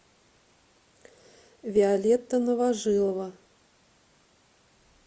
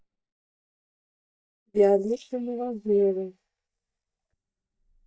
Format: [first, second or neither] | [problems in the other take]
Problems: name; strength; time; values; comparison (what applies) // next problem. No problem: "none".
first | noise reduction (neural mask model DeepFilterNet 3)